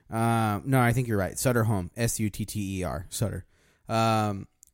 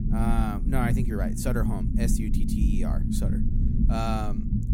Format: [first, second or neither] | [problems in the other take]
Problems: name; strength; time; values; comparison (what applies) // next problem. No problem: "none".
first | low rumble; loud; throughout; 3 dB below the speech